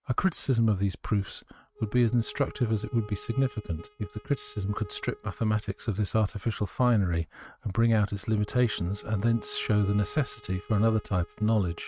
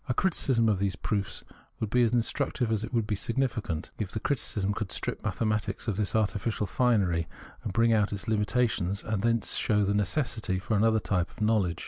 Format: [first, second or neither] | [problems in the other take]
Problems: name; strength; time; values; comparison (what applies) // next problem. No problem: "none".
second | noise reduction (neural mask model RNNoise)